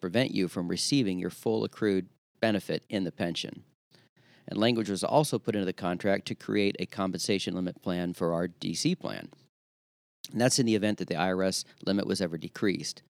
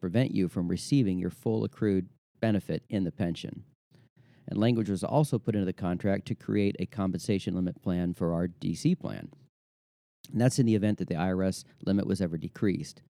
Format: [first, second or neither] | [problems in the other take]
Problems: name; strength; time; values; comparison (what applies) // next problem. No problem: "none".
second | thin; very slightly; fading below 950 Hz